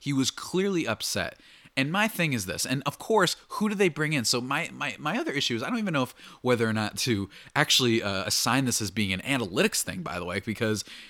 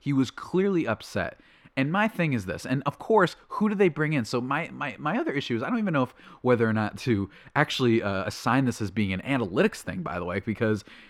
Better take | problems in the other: first | muffled; slightly; fading above 3 kHz

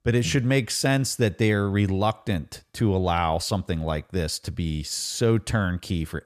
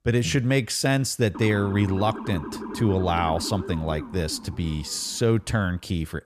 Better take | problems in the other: first | siren; noticeable; from 1.5 to 5.5 s; peak 9 dB below the speech

